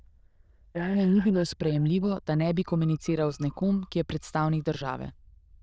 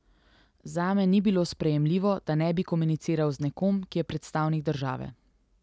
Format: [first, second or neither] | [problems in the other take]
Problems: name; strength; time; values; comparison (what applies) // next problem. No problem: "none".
second | noise reduction (neural diffusion model UNIVERSE++)